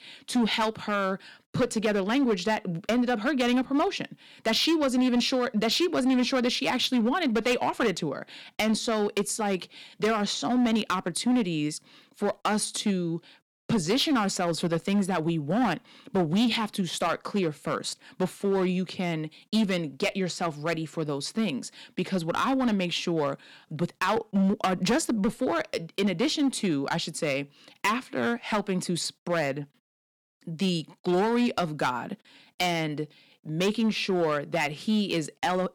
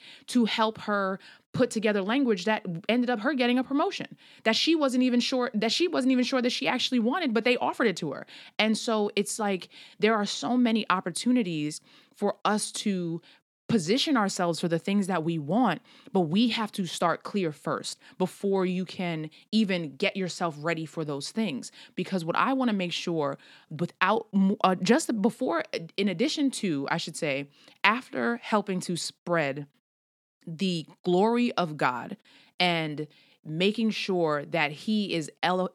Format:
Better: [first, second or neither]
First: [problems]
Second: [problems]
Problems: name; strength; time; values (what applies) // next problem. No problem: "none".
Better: second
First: distortion; slight; 8% of the sound clipped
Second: none